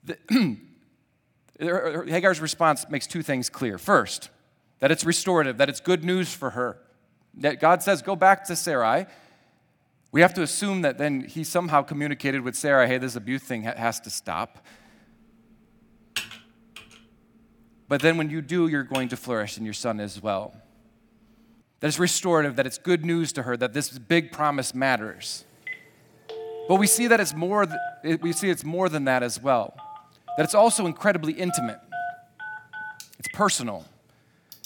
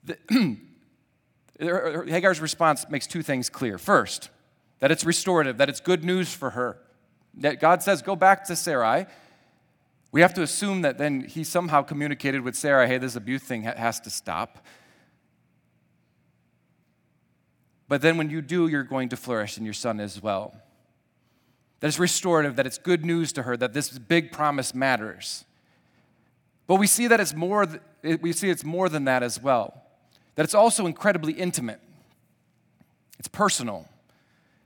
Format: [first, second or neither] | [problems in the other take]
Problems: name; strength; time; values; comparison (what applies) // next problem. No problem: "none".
second | keyboard typing; noticeable; from 16 to 19 s; peak 8 dB below the speech // phone ringing; noticeable; from 26 s on; peak 9 dB below the speech